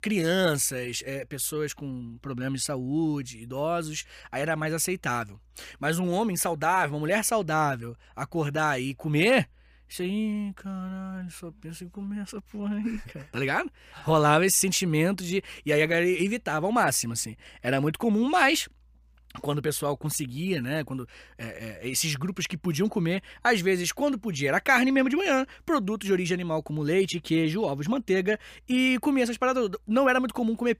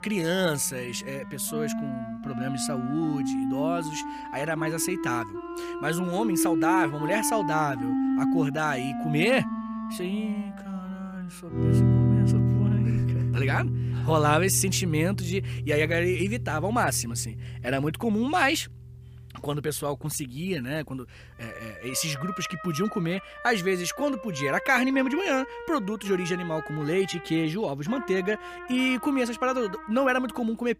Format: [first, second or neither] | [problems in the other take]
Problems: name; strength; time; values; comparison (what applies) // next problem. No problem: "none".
first | background music; loud; throughout; 3 dB below the speech